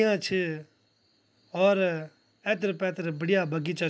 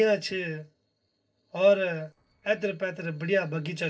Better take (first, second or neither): first